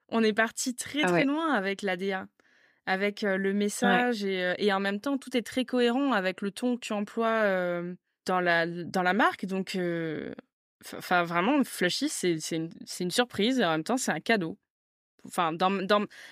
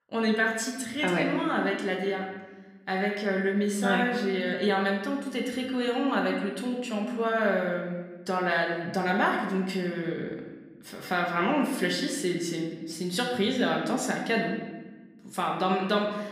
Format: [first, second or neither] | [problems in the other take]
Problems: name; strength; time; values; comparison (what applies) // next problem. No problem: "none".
first | room echo; noticeable; dies away in 1 s // off-mic speech; somewhat distant